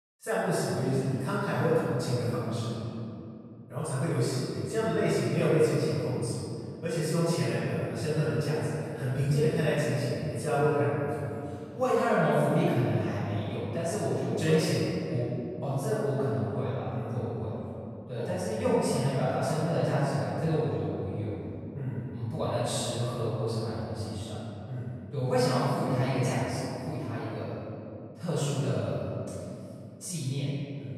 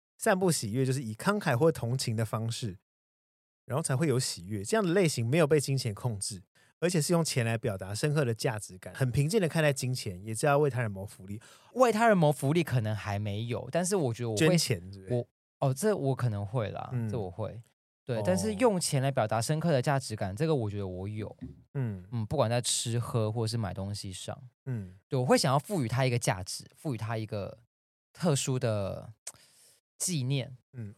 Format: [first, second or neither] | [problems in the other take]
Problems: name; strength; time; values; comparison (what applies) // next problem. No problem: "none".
second | off-mic speech; far // room echo; strong; dies away in 3 s